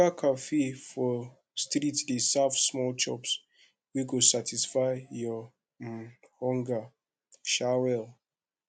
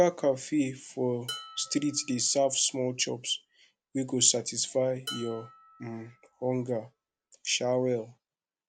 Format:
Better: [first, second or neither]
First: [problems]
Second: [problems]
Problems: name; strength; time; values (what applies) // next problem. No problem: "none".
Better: first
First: none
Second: background sound (Dishes, pots, and pans); 18 dB below the speech